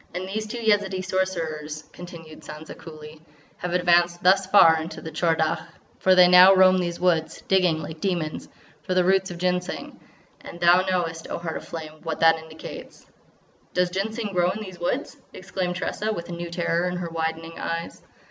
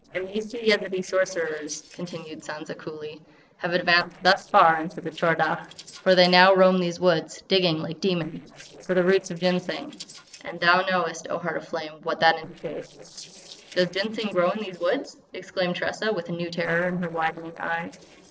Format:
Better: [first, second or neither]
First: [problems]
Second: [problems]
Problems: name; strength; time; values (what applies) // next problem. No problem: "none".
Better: first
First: none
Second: noise reduction (neural separator model SepFormer DNS4)